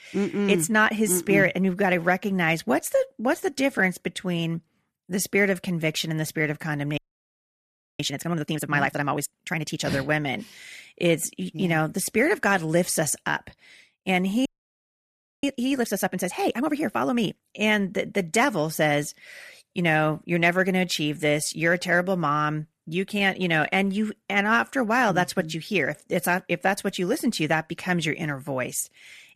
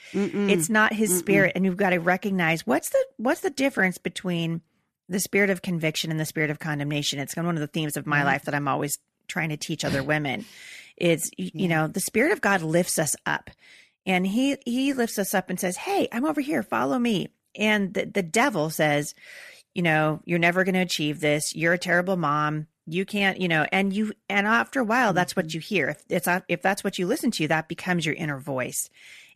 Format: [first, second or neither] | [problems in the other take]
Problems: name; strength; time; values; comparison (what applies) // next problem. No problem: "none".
second | audio freezing; at 7 s for 1 s and at 14 s for 1 s